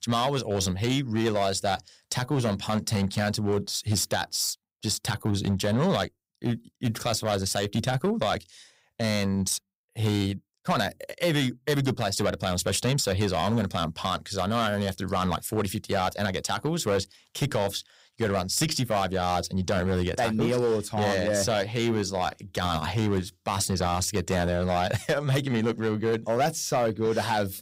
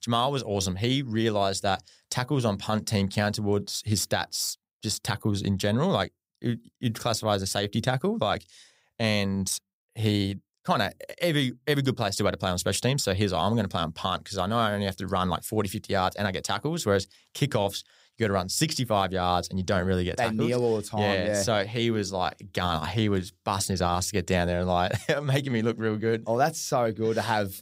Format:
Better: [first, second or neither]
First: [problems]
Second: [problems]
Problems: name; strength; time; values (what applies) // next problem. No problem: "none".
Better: second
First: distortion; slight; 6% of the sound clipped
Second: none